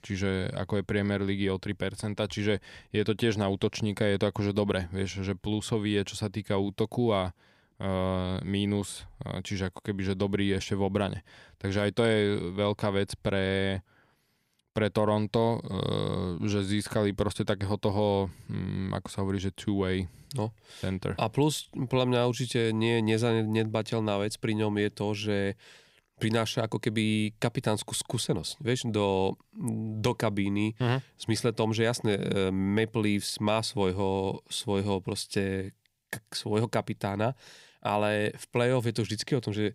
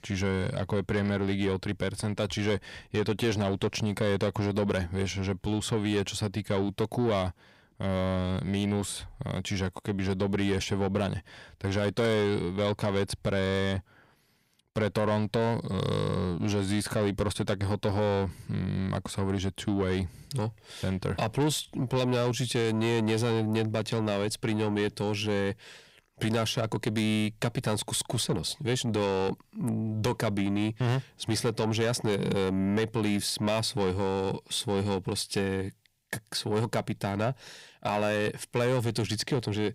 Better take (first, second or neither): first